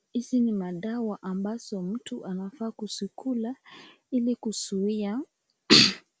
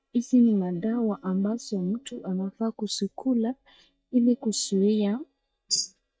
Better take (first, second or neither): first